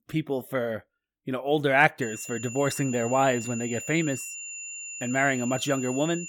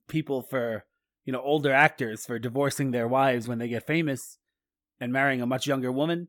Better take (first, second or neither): second